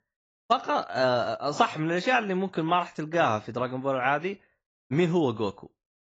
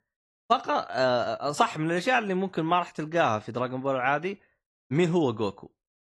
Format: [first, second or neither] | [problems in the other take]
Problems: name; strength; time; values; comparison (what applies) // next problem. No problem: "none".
second | garbled, watery; badly; nothing above 7.5 kHz; slightly in the second